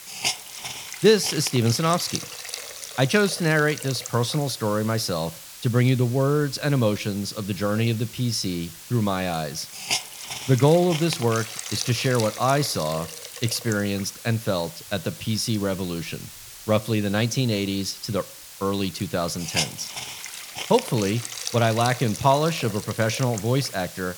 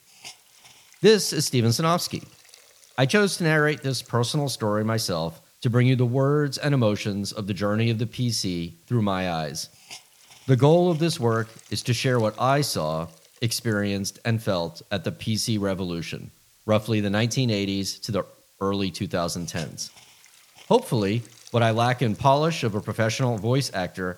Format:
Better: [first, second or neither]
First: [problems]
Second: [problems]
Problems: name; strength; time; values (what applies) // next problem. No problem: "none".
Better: second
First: hiss; loud; throughout; 10 dB below the speech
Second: hiss; faint; throughout; 25 dB below the speech